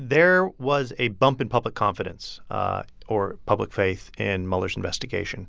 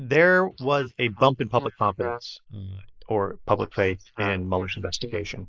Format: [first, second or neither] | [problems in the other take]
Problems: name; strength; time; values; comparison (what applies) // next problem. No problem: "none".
first | noise reduction (neural mask model Resemble Enhance denoiser)